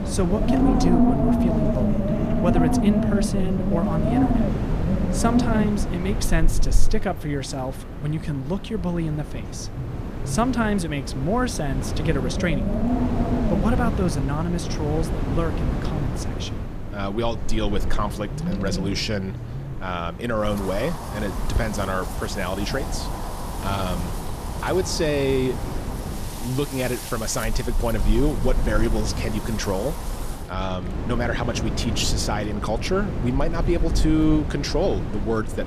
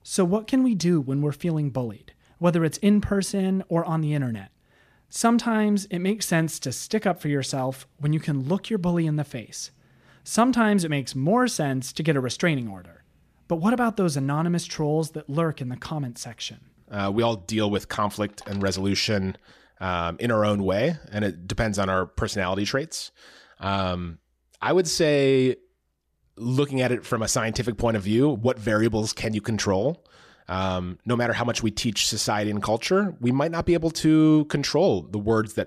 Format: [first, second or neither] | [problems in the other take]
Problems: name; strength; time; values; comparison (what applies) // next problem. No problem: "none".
second | wind in the background; loud; throughout; 1 dB below the speech